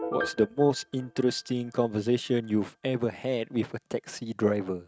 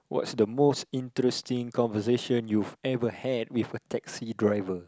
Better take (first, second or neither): second